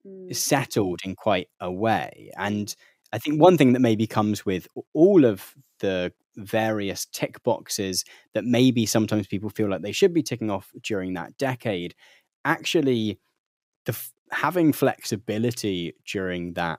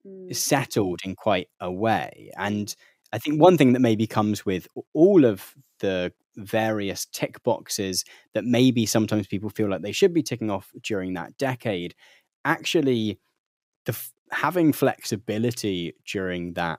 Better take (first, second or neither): neither